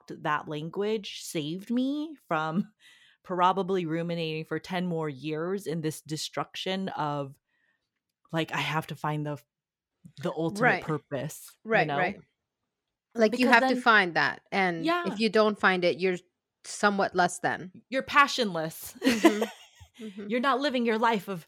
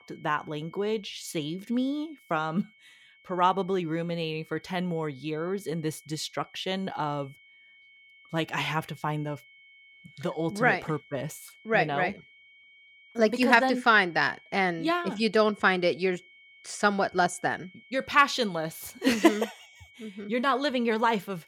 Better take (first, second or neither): first